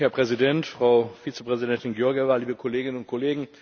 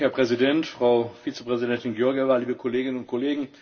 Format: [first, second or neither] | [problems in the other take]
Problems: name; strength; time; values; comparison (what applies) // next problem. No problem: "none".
first | room echo; dies away in 0.2 s